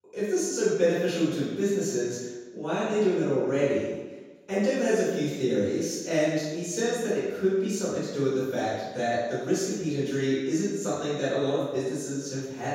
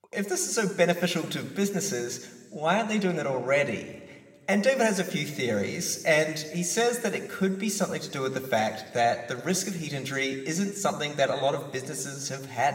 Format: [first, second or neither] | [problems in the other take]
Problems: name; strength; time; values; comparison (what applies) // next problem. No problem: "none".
second | room echo; strong; dies away in 1.2 s; slight in the second // off-mic speech; far